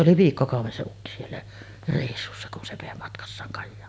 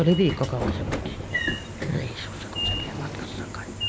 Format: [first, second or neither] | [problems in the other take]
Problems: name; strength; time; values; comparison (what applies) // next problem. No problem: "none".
first | background sound (Sliding door / Train); 2 dB below the speech